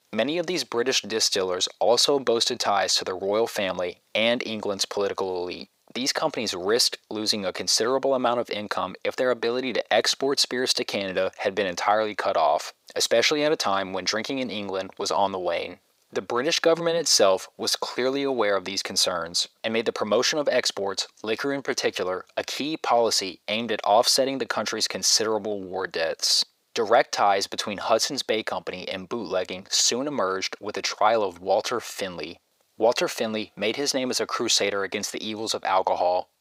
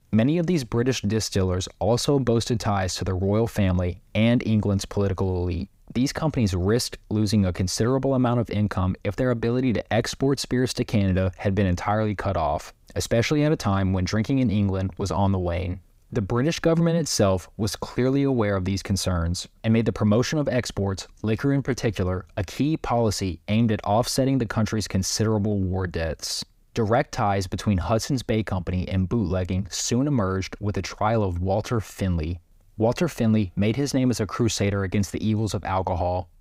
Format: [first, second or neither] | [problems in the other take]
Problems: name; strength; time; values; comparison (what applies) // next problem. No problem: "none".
second | thin; very; fading below 550 Hz